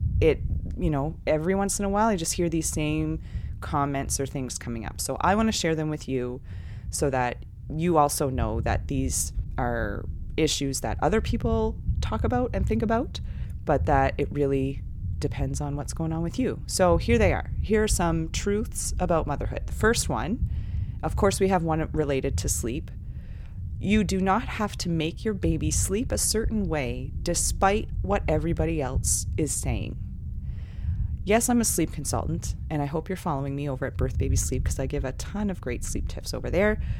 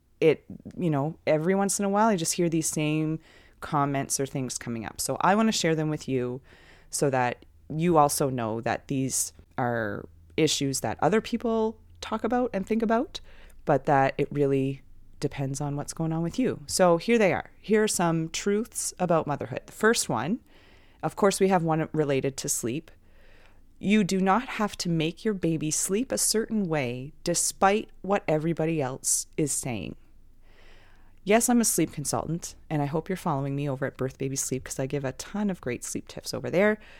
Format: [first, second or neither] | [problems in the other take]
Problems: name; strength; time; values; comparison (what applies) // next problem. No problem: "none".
second | low rumble; faint; throughout; 20 dB below the speech